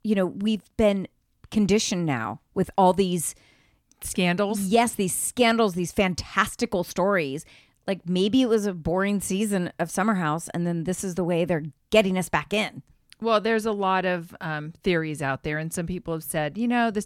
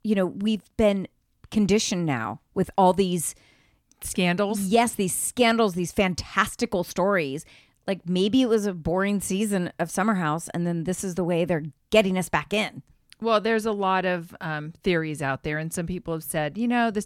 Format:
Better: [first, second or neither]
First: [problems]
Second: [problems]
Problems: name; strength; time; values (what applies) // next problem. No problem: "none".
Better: neither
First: none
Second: none